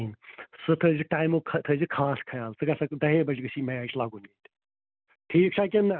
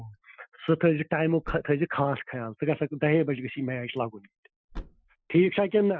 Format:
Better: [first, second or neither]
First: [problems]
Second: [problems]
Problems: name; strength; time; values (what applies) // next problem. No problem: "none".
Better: first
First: none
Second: noise reduction (classical method Wiener filter)